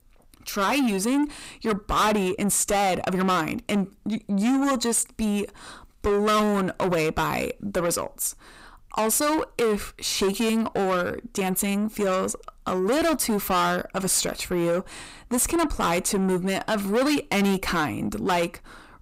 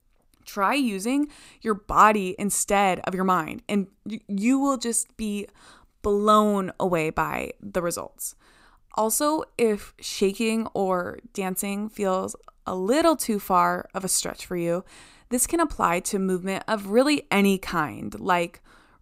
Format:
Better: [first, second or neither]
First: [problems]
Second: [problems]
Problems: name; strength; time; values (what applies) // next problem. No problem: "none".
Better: second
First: distortion; heavy; 6 dB below the speech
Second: none